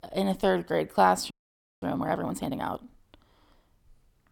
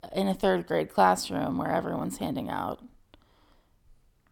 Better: second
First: audio freezing; at 1.5 s for 0.5 s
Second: none

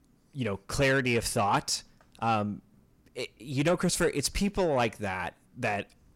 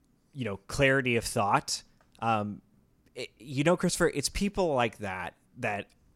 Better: second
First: distortion; slight; 10 dB below the speech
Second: none

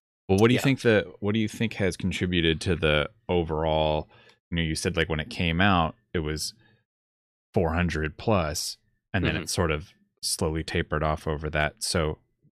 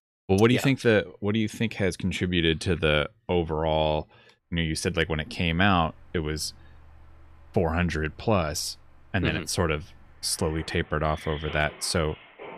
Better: first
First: none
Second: machinery noise; faint; from 5 s on; 20 dB below the speech

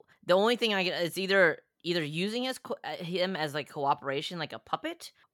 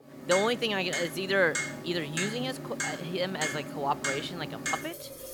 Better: first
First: none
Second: household noises; loud; throughout; 4 dB below the speech

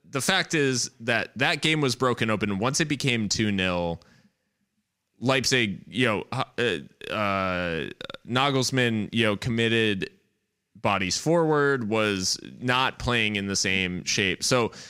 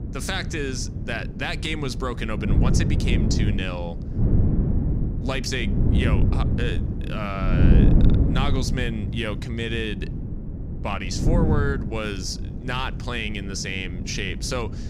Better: first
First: none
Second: wind noise on the microphone; heavy; 5 dB below the speech

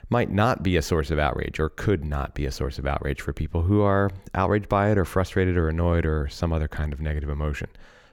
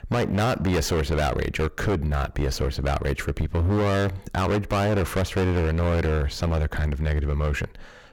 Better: first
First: none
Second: distortion; heavy; 23% of the sound clipped

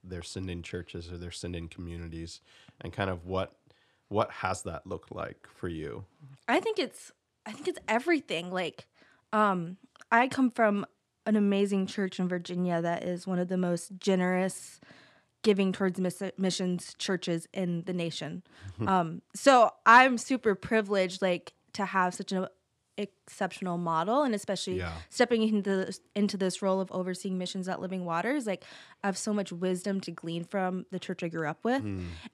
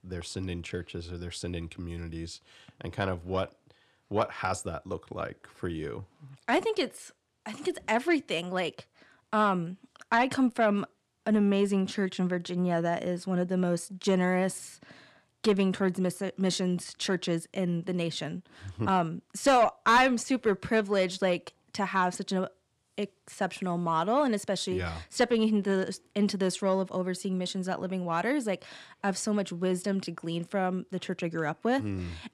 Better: first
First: none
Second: distortion; slight; 10 dB below the speech

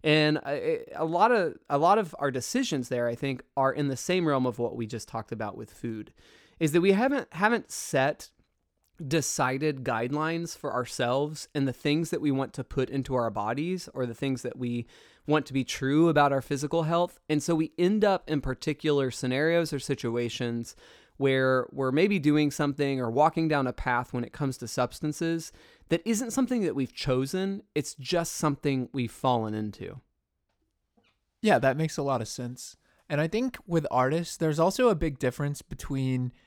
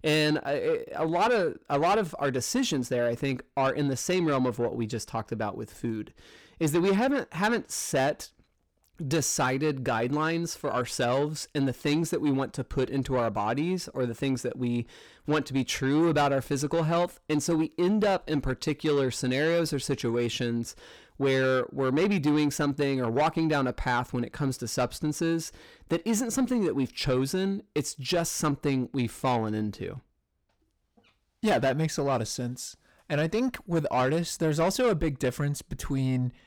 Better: first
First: none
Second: distortion; slight; 10 dB below the speech

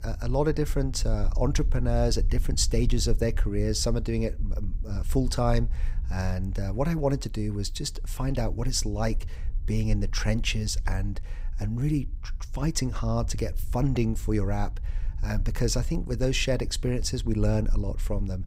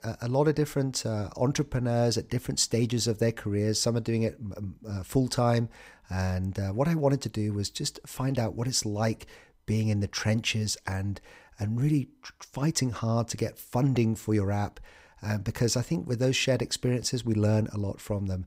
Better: second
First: low rumble; faint; throughout; 25 dB below the speech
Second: none

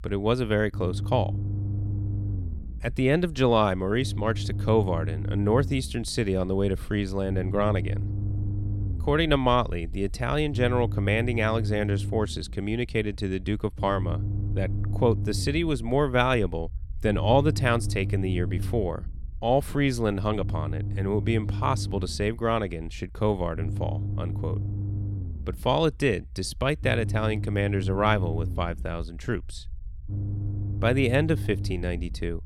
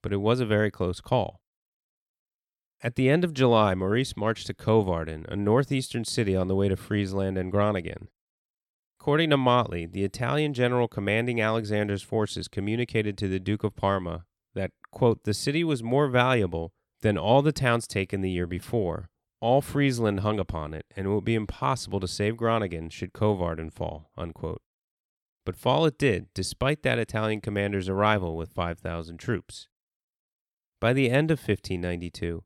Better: second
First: low rumble; noticeable; throughout; 15 dB below the speech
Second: none

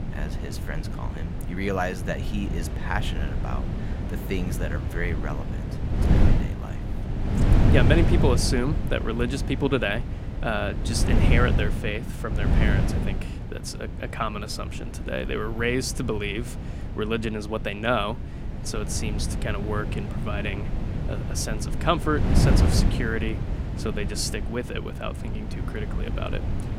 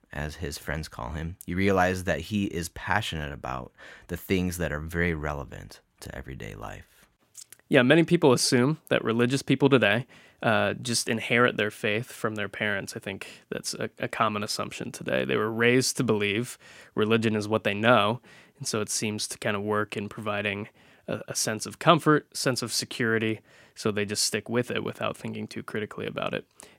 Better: second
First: wind noise on the microphone; heavy; 7 dB below the speech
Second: none

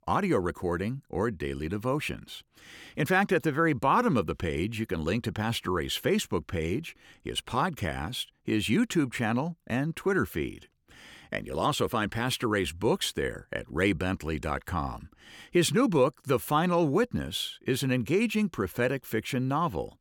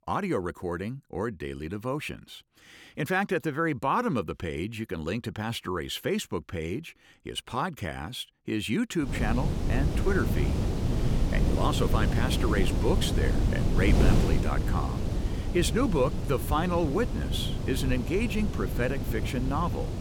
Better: first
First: none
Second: wind noise on the microphone; heavy; from 9 s on; 6 dB below the speech

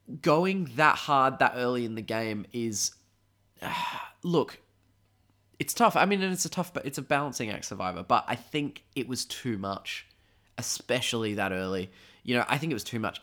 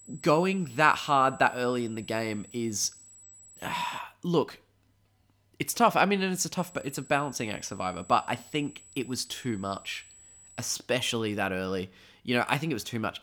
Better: first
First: none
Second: high-pitched whine; faint; until 4 s and from 6.5 to 11 s; 8 kHz, 20 dB below the speech

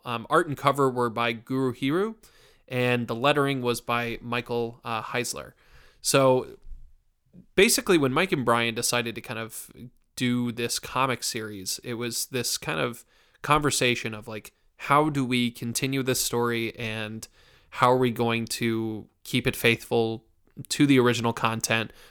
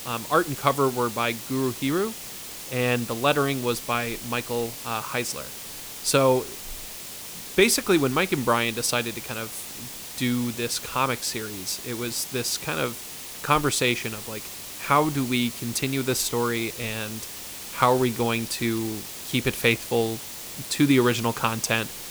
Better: first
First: none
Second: hiss; loud; throughout; 10 dB below the speech

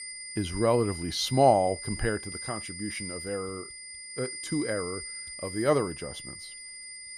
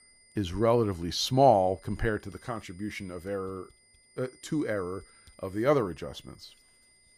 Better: second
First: high-pitched whine; loud; throughout; 2 kHz, 9 dB below the speech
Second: high-pitched whine; faint; throughout; 2 kHz, 30 dB below the speech

